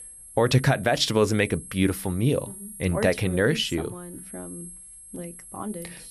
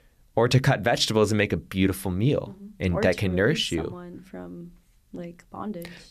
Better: second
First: high-pitched whine; noticeable; throughout; 11 kHz, 15 dB below the speech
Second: none

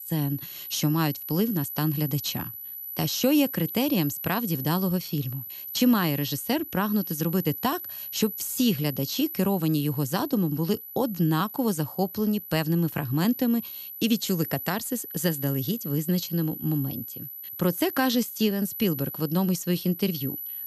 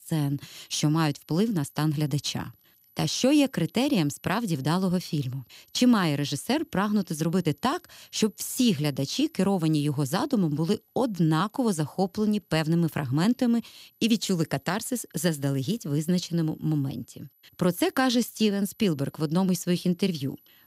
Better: second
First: high-pitched whine; loud; throughout; 12 kHz, 8 dB below the speech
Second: high-pitched whine; faint; throughout; 12 kHz, 35 dB below the speech

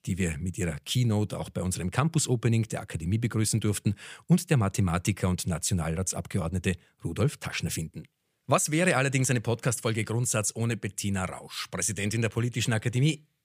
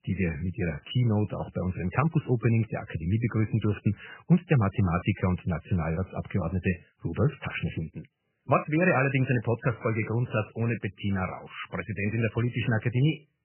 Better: first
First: none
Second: garbled, watery; badly; nothing above 3 kHz

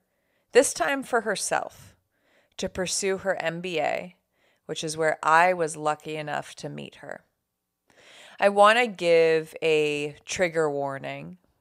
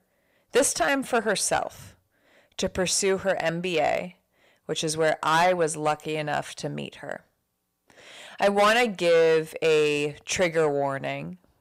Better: first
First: none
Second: distortion; heavy; 8 dB below the speech

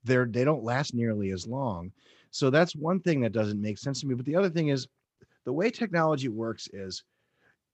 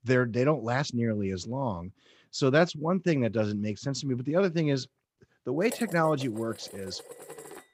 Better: first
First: none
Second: clattering dishes; faint; from 5.5 s on; peak 10 dB below the speech

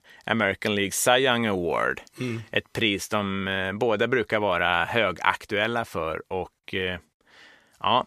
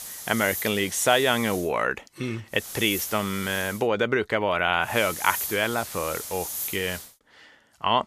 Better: first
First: none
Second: hiss; loud; until 1.5 s, from 2.5 to 4 s and from 5 to 7 s; 8 dB below the speech

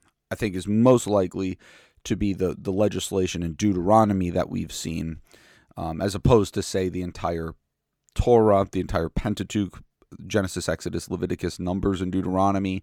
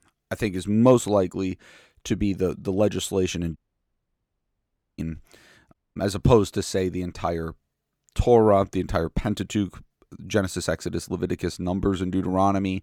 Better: first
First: none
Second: audio cutting out; at 3.5 s for 1.5 s and at 5.5 s

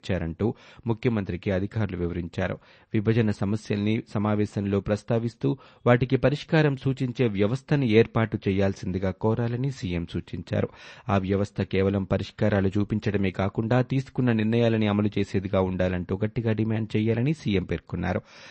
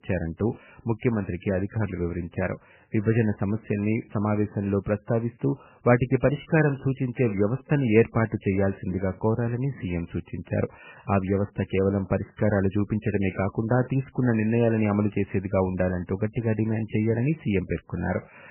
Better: first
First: garbled, watery; slightly; nothing above 8 kHz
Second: garbled, watery; badly; nothing above 3 kHz

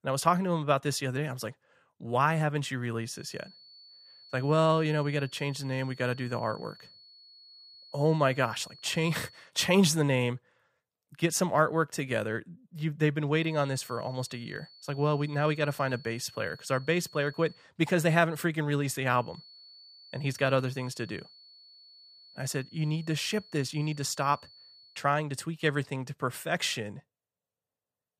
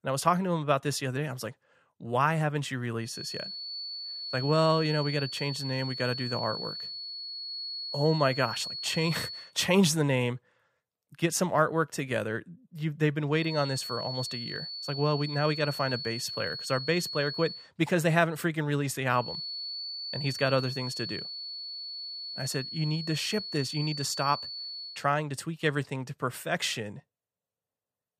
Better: first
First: high-pitched whine; faint; from 3 to 9.5 s, from 13 to 18 s and from 19 to 25 s; 4.5 kHz, 20 dB below the speech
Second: high-pitched whine; loud; from 3 to 9.5 s, from 13 to 18 s and from 19 to 25 s; 4.5 kHz, 6 dB below the speech

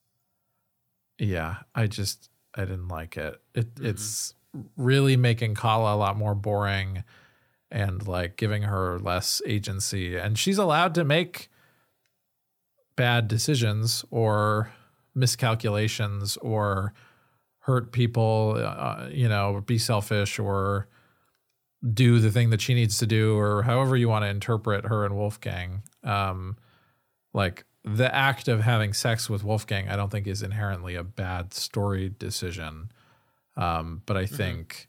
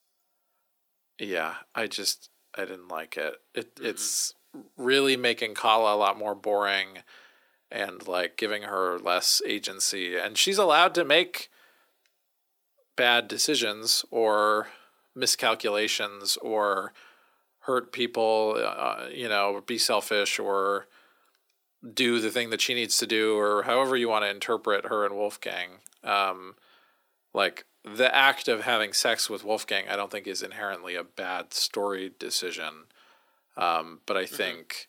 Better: first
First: none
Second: thin; very; fading below 300 Hz

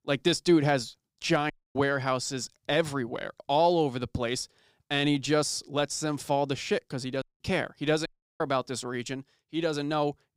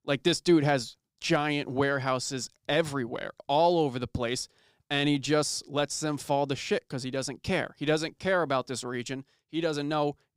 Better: second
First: audio cutting out; at 1.5 s, at 7 s and at 8 s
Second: none

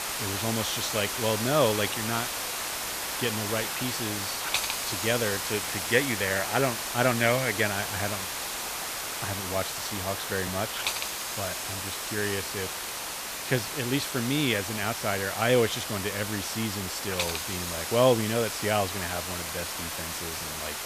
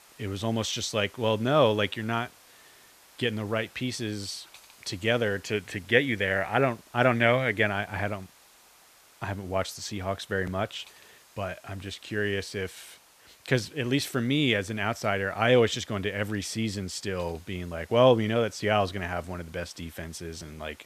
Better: second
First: hiss; loud; throughout; 2 dB below the speech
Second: hiss; faint; throughout; 25 dB below the speech

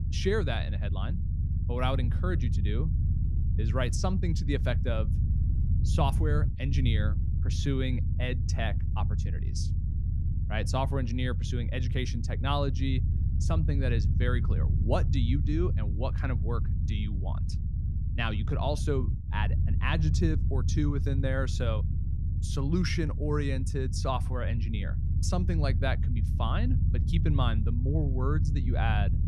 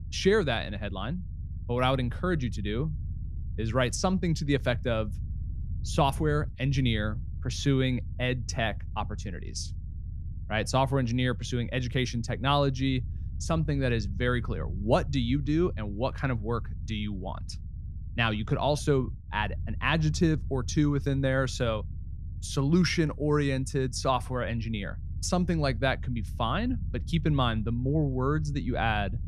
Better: second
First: low rumble; loud; throughout; 9 dB below the speech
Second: low rumble; faint; throughout; 25 dB below the speech

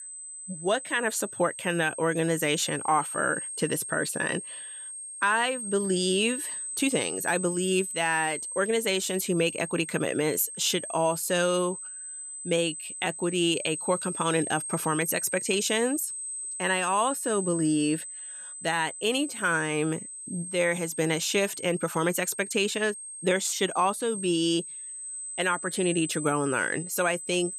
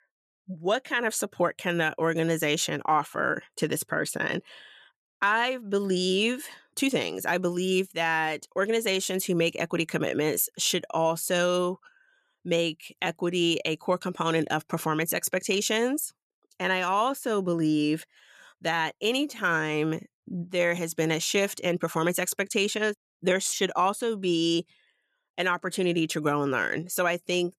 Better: second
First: high-pitched whine; loud; throughout; 8 kHz, 7 dB below the speech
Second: none

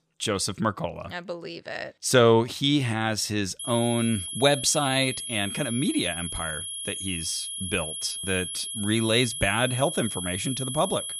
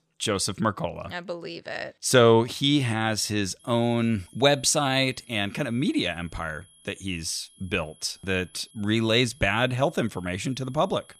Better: second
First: high-pitched whine; loud; from 3.5 s on; 11 kHz, 6 dB below the speech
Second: high-pitched whine; faint; from 3.5 s on; 11 kHz, 30 dB below the speech

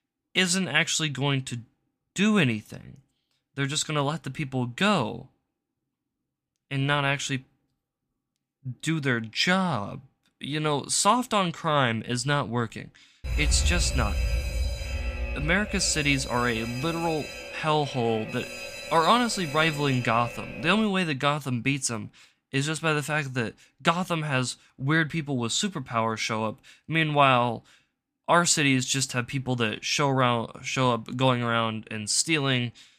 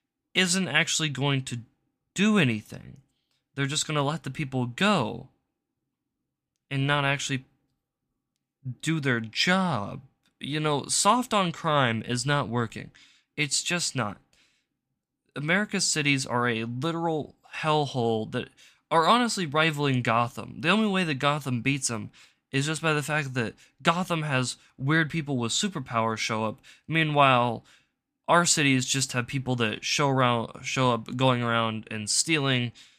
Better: second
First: alarm; noticeable; from 13 to 21 s; peak 1 dB below the speech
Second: none

